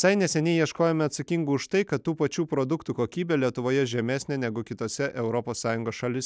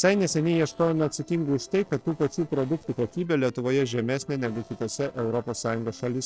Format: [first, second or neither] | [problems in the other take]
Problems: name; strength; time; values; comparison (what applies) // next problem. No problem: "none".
first | noise reduction (neural separator model SepFormer DNS4)